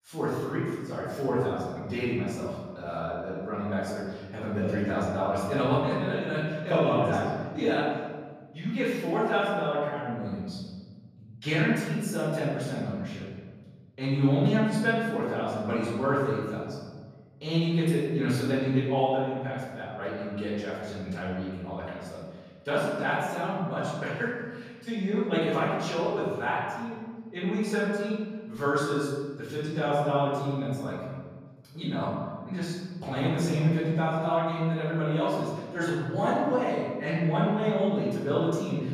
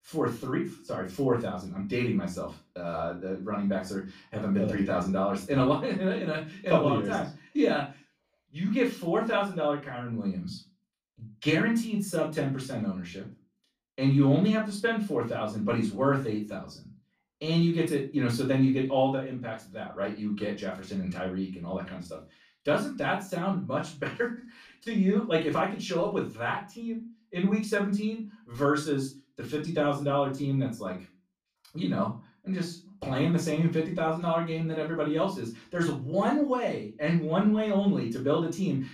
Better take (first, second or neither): second